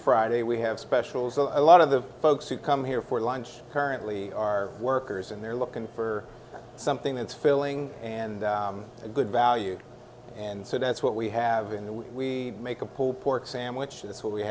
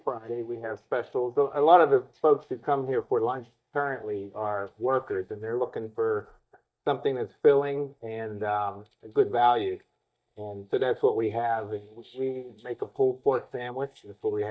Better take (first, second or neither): first